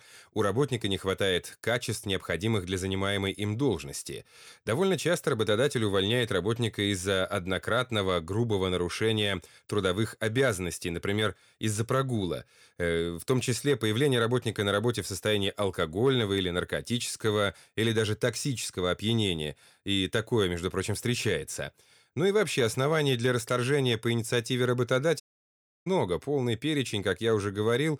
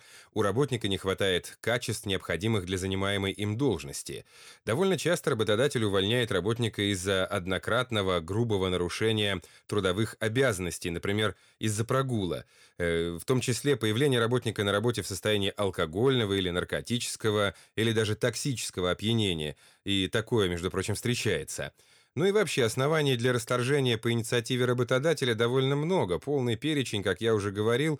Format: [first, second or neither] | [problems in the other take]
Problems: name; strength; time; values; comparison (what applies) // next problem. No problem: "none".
second | audio cutting out; at 25 s for 0.5 s